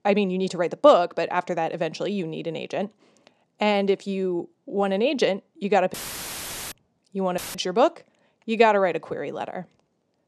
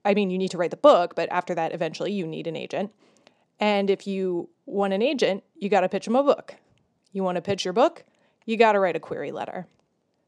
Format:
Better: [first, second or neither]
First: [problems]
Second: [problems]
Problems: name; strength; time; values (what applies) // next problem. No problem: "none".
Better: second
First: audio cutting out; filled with static; at 6 s for 1 s and at 7.5 s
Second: none